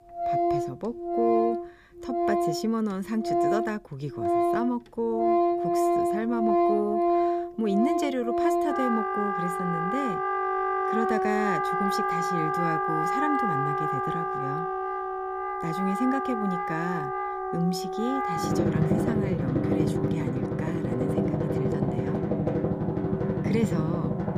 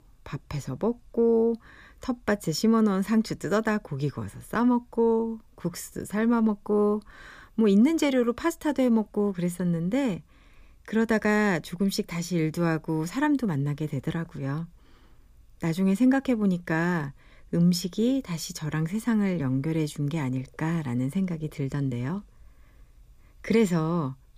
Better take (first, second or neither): second